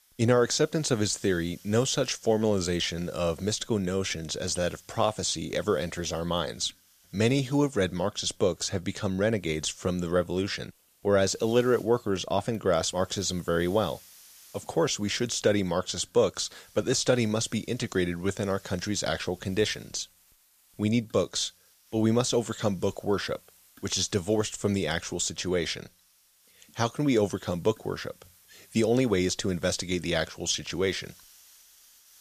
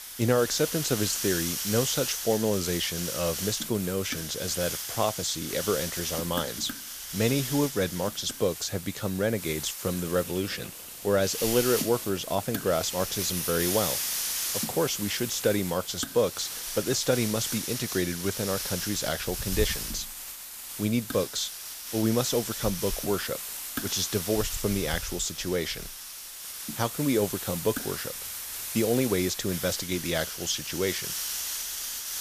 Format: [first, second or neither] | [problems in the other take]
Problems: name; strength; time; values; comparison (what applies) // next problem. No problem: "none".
first | hiss; loud; throughout; 4 dB below the speech; faint in the first